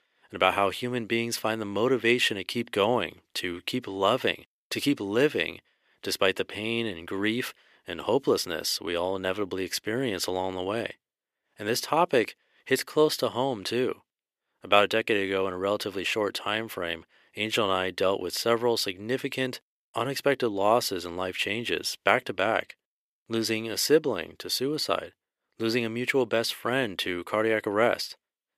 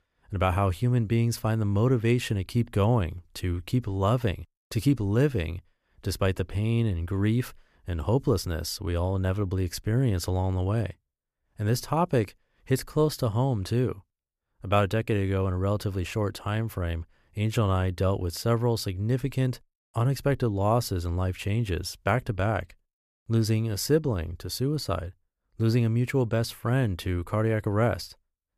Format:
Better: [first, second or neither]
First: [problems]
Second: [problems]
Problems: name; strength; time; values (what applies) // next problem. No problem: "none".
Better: second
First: thin; somewhat; fading below 350 Hz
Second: none